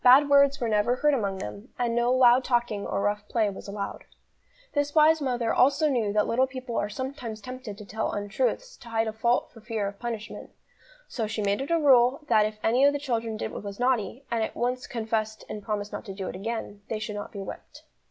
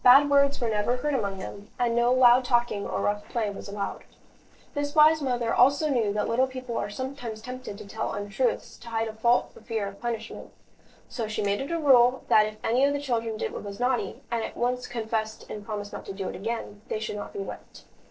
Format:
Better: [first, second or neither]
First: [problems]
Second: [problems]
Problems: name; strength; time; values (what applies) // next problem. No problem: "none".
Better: first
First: none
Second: noise reduction (neural separator model SepFormer DNS4)